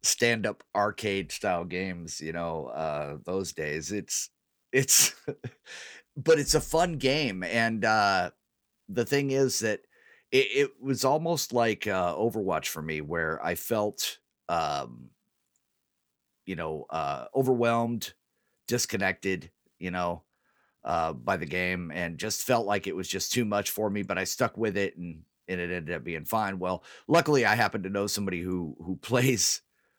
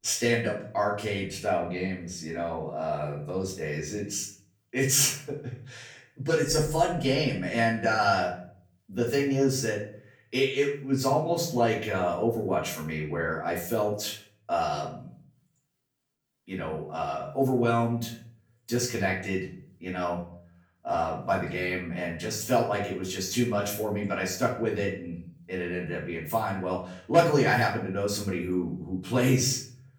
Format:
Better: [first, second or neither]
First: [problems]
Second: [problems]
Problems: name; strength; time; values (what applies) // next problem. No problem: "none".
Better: first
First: none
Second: off-mic speech; far // room echo; slight; dies away in 0.5 s